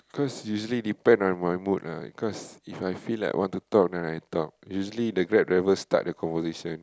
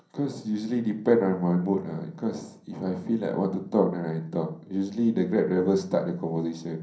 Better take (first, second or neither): first